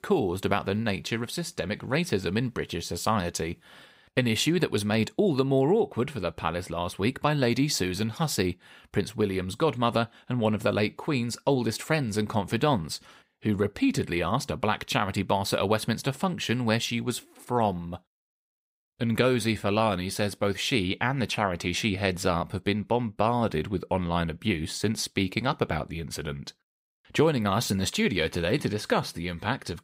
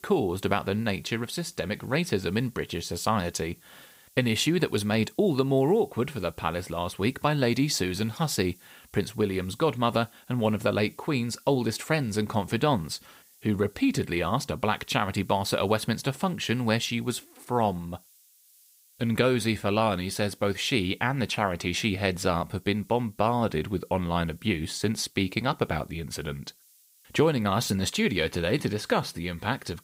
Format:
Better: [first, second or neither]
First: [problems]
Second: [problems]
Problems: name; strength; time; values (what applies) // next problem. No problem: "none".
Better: first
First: none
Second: hiss; faint; throughout; 30 dB below the speech